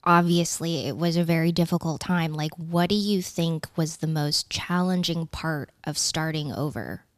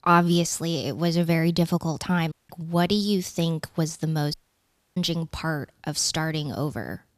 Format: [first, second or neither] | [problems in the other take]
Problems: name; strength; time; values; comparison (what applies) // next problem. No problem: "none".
first | audio cutting out; at 2.5 s and at 4.5 s for 0.5 s